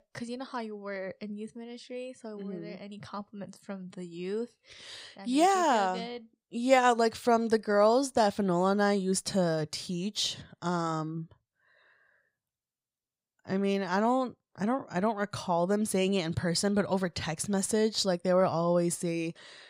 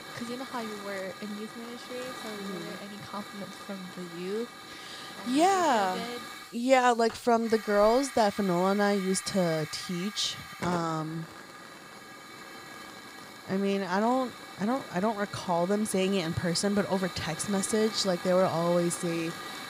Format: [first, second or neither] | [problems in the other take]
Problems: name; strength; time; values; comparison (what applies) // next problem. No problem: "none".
first | hiss; noticeable; throughout; 15 dB below the speech